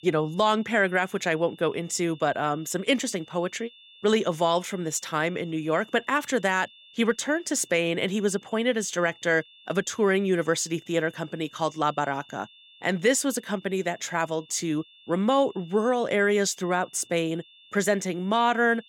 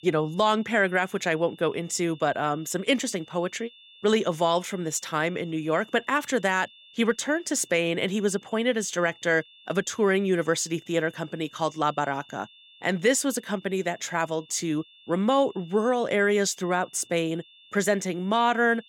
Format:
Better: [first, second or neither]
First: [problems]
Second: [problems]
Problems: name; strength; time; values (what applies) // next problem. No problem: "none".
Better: neither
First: high-pitched whine; faint; throughout; 3.5 kHz, 25 dB below the speech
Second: high-pitched whine; faint; throughout; 3.5 kHz, 25 dB below the speech